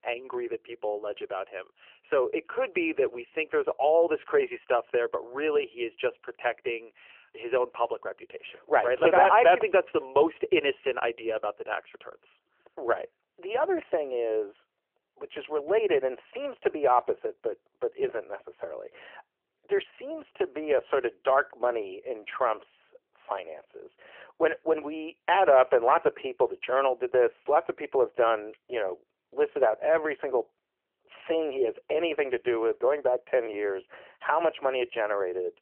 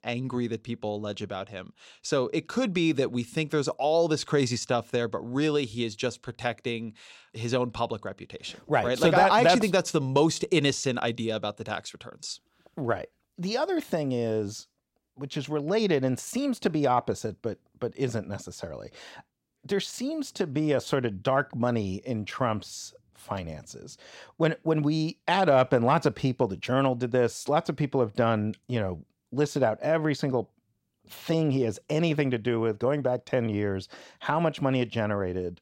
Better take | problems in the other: second | phone-call audio; nothing above 3 kHz

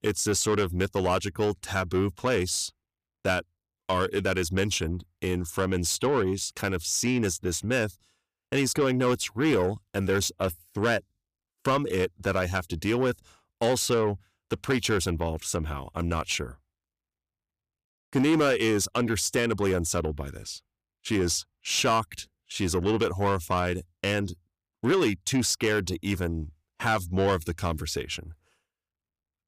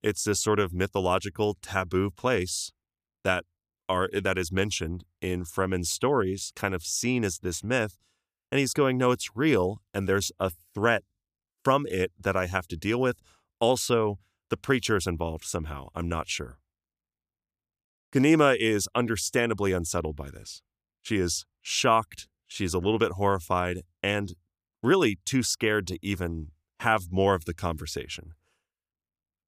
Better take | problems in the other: second | distortion; slight; 10 dB below the speech

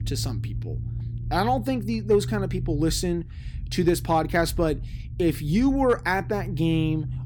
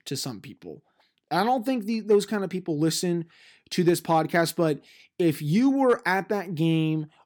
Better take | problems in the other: second | low rumble; faint; throughout; 20 dB below the speech

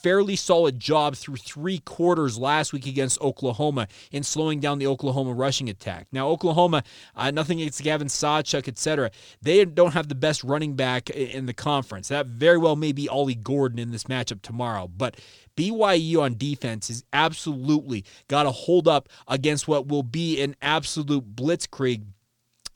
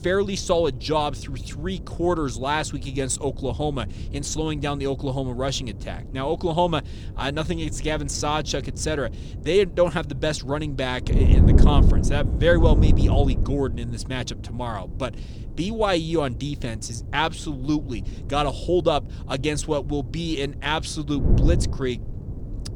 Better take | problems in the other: first | wind noise on the microphone; occasional gusts; 15 dB below the speech

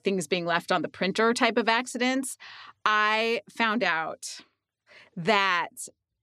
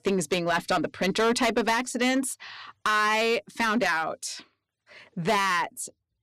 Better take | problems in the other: first | distortion; heavy; 7% of the sound clipped

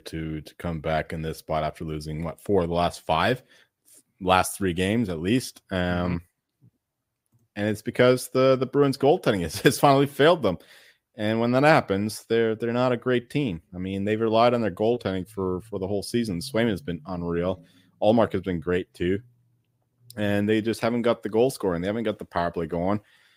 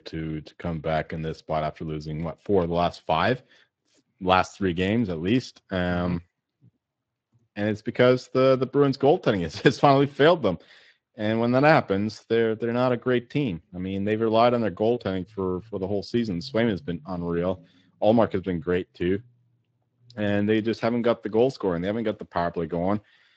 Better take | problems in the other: first | garbled, watery; slightly

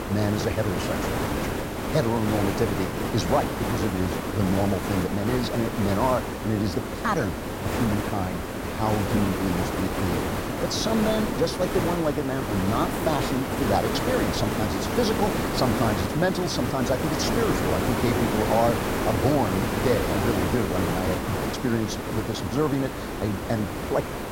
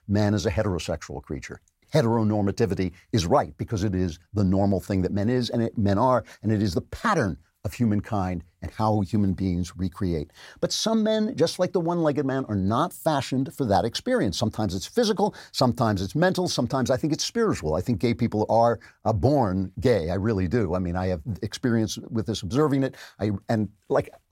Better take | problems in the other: second | hiss; loud; throughout; 1 dB below the speech

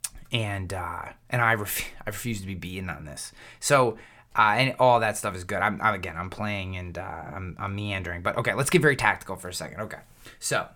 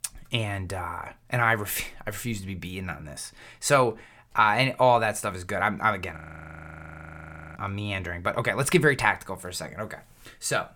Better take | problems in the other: first | audio freezing; at 6 s for 1.5 s

